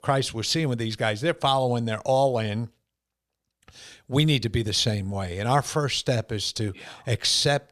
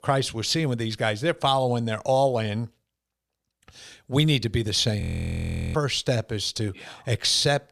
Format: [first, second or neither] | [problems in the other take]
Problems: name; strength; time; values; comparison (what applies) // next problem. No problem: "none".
first | audio freezing; at 5 s for 0.5 s